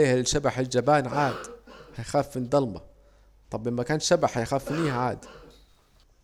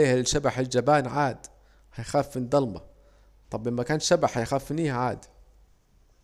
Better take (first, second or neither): second